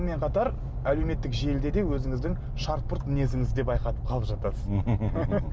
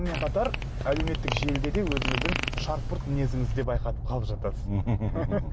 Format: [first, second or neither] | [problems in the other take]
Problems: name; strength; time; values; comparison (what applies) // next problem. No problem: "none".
first | background sound (Fart); 7 dB below the speech